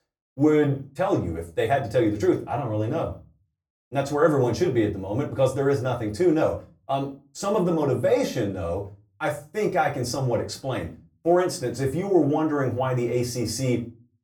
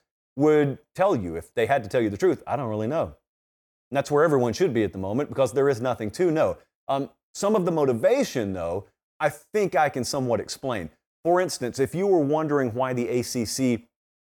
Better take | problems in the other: second | off-mic speech; far // room echo; very slight; dies away in 0.3 s

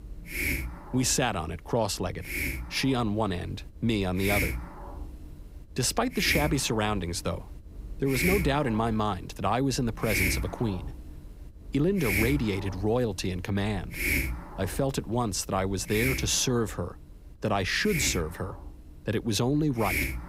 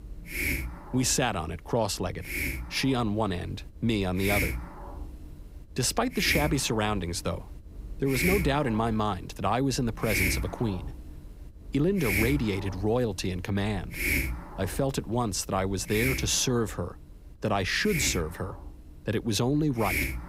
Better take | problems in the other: neither | hiss; loud; throughout; 4 dB below the speech; the same in both

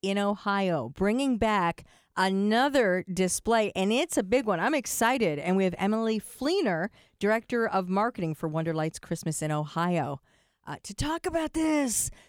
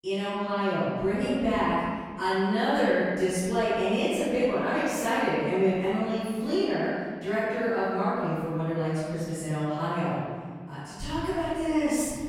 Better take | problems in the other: first | off-mic speech; far // room echo; strong; dies away in 1.6 s

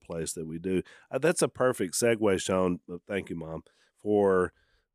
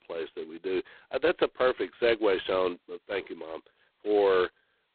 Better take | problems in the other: first | phone-call audio; poor line; nothing above 4 kHz

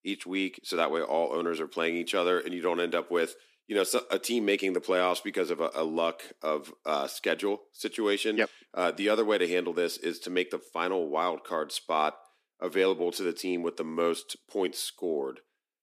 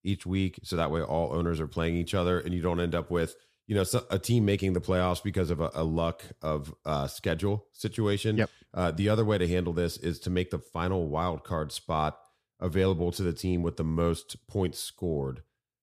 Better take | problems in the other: second | thin; somewhat; fading below 250 Hz

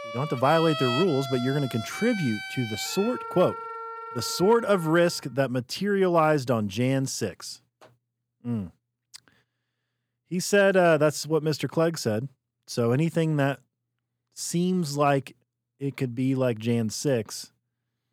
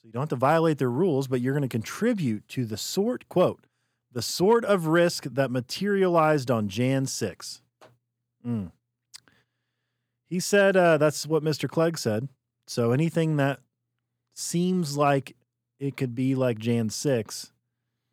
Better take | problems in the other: second | background music; loud; until 5 s; 9 dB below the speech

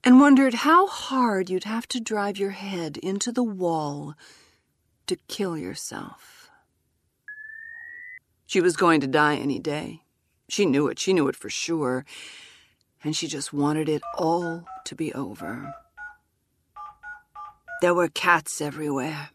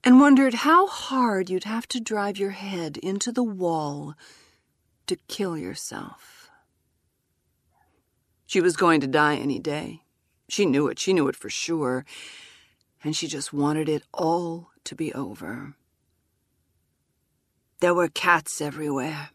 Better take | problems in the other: second | alarm; faint; at 7.5 s; peak 15 dB below the speech // phone ringing; faint; from 14 to 18 s; peak 15 dB below the speech

